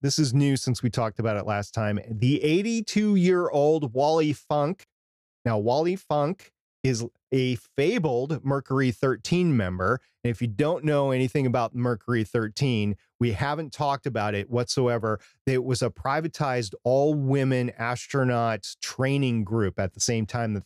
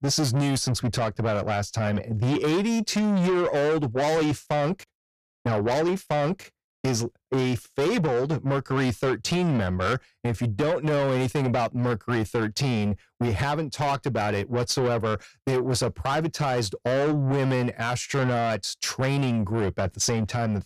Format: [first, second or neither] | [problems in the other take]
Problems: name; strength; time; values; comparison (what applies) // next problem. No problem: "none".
first | distortion; heavy; 7 dB below the speech